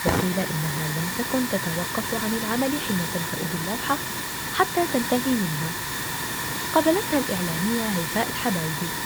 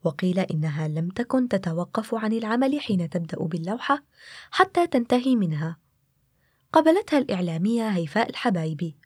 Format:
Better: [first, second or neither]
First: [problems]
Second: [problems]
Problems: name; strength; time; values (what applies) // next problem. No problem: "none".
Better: second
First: hiss; loud; throughout; 1 dB below the speech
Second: none